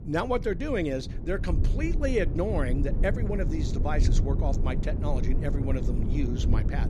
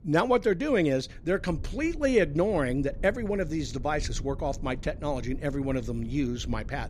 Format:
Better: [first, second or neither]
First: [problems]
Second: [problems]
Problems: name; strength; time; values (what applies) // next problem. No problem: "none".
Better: second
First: low rumble; loud; throughout; 9 dB below the speech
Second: low rumble; faint; throughout; 25 dB below the speech